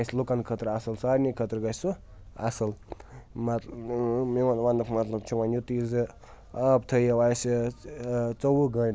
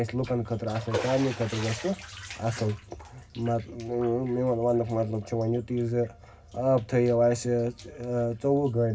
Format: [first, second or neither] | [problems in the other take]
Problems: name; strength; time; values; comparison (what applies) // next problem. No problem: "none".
first | background sound (Bathtub (filling or washing)); 15 dB below the speech // room echo; dies away in 0.4 s